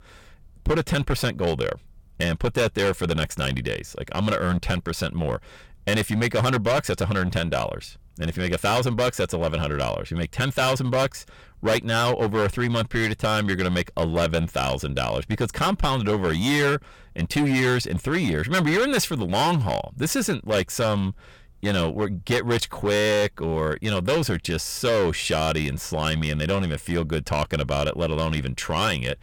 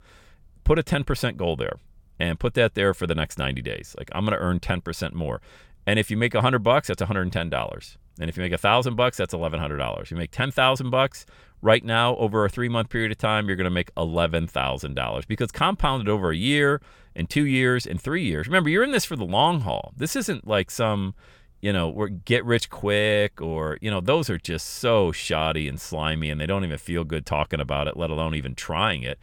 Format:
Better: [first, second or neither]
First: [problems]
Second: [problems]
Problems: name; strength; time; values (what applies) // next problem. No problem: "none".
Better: second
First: distortion; heavy; 12% of the sound clipped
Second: none